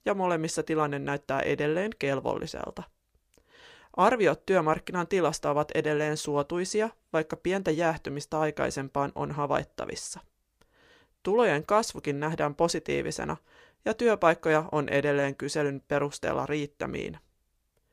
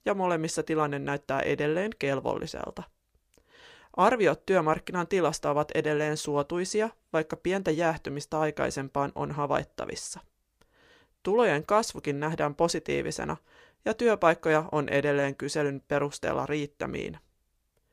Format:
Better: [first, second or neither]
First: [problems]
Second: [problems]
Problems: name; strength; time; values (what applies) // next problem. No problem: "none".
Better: neither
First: none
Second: none